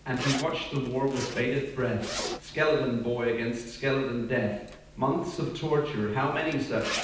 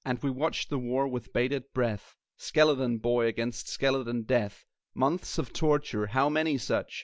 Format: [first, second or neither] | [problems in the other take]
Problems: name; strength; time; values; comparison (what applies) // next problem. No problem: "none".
second | background sound (Zipper (clothing)); 11 dB below the speech // room echo; dies away in 0.9 s